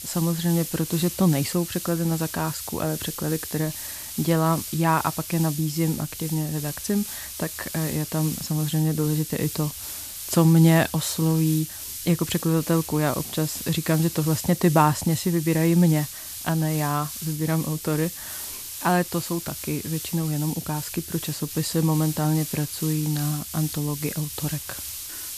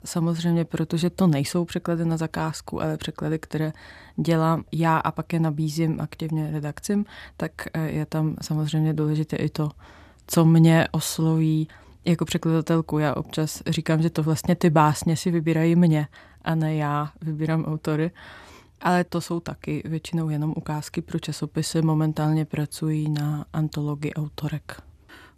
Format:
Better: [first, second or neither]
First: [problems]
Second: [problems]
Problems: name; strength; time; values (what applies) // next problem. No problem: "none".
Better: second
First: hiss; loud; throughout; 8 dB below the speech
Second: none